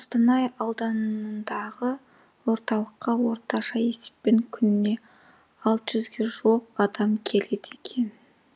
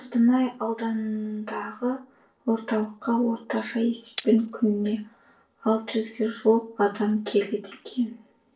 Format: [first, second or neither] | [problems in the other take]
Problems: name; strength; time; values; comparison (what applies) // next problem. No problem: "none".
first | noise reduction (neural separator model SepFormer DNS4)